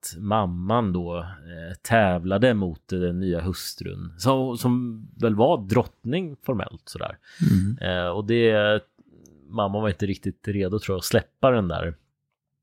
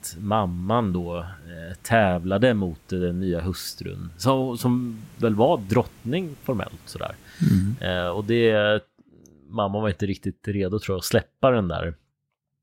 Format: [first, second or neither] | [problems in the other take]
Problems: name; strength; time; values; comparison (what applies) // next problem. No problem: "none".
first | hiss; faint; until 8.5 s; 25 dB below the speech